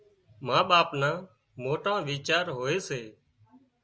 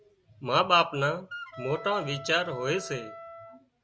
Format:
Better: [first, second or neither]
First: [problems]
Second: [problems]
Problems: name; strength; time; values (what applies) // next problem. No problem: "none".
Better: first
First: none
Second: background sound (Wind instrument, woodwind instrument); 15 dB below the speech